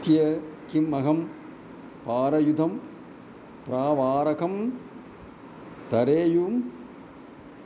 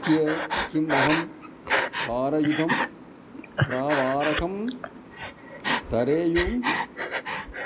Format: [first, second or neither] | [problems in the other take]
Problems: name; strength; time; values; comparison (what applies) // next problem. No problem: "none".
first | background sound (Breathing); 2 dB below the speech